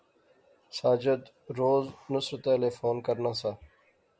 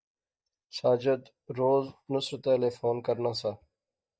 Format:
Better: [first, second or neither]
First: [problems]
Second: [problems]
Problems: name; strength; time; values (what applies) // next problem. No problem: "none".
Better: first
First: none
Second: noise reduction (neural mask model DeepFilterNet 3)